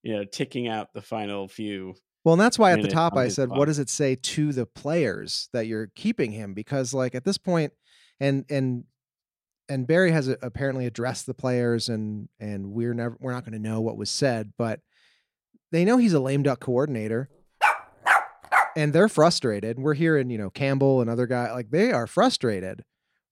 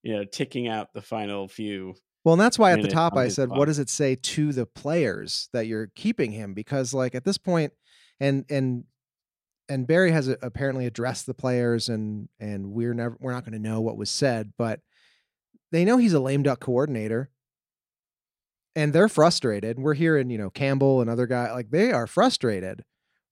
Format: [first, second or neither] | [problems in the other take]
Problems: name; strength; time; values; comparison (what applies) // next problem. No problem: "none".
second | dog barking; loud; from 18 to 19 s; peak 3 dB above the speech